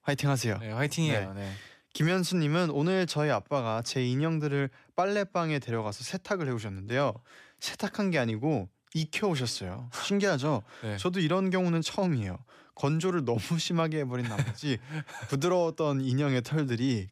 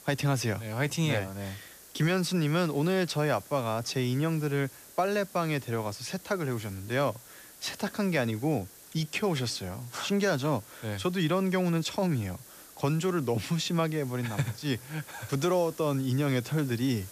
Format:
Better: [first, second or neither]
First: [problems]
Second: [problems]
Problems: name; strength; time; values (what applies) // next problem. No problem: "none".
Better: first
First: none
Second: hiss; noticeable; throughout; 20 dB below the speech